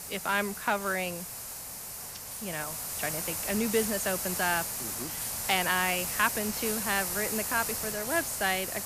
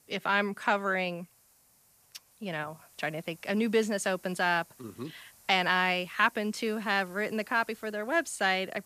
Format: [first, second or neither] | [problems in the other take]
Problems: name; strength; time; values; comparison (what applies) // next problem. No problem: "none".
second | hiss; loud; throughout; 2 dB below the speech; faint in the second